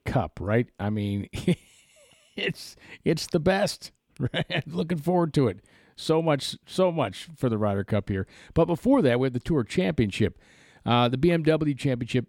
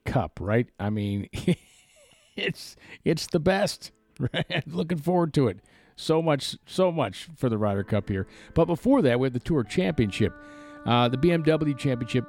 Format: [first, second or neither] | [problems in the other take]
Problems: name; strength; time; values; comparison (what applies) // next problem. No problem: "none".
first | background music; faint; throughout; 25 dB below the speech